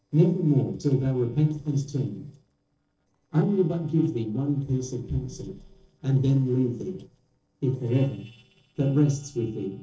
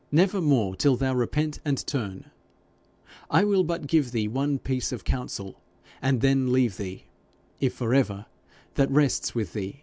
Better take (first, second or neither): second